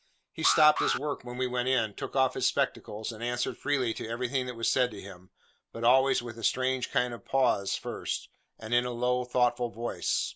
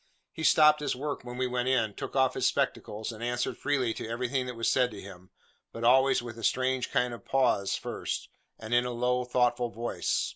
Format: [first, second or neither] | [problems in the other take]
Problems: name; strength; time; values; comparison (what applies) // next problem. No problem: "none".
second | background sound (Alarm); 6 dB below the speech